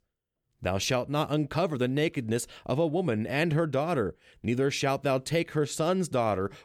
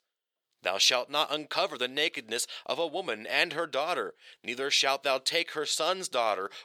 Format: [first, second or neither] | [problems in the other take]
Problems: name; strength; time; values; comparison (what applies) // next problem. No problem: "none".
first | thin; very; fading below 650 Hz